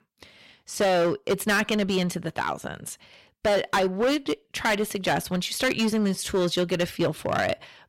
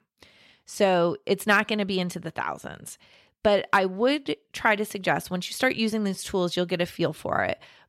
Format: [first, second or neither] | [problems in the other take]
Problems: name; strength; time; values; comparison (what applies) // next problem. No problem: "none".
second | distortion; heavy; 10% of the sound clipped